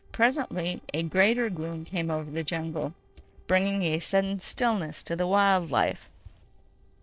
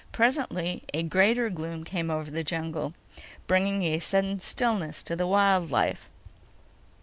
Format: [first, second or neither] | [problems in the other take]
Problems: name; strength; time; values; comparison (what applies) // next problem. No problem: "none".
second | noise reduction (neural separator model SepFormer DNS4)